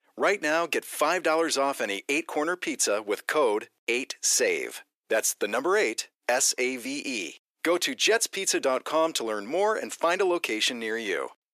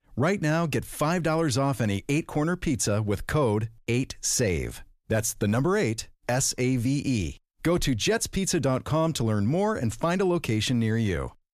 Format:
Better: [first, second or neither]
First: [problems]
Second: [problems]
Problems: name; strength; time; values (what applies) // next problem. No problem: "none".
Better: second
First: thin; very; fading below 350 Hz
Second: none